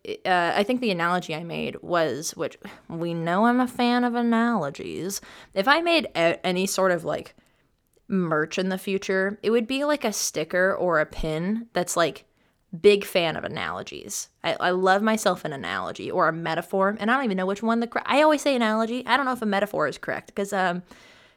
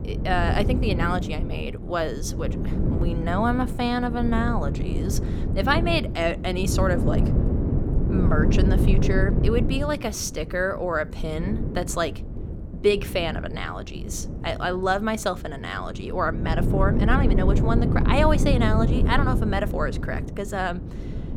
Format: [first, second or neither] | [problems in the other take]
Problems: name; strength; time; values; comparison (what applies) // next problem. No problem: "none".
first | wind noise on the microphone; heavy; 8 dB below the speech